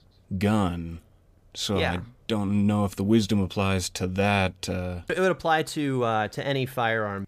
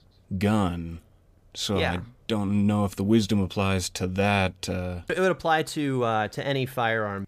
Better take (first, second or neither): neither